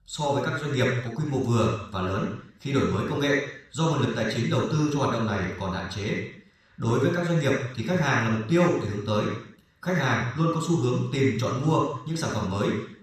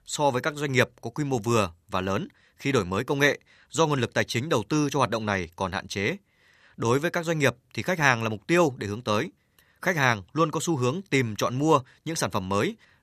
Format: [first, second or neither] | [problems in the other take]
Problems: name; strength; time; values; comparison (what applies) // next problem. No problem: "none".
second | room echo; noticeable; dies away in 0.7 s // off-mic speech; somewhat distant